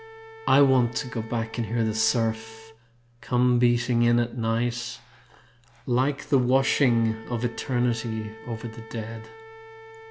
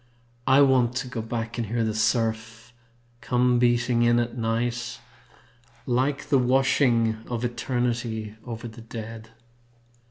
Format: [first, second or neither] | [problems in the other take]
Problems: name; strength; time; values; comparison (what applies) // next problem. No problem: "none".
second | background sound (Wind instrument, woodwind instrument); 19 dB below the speech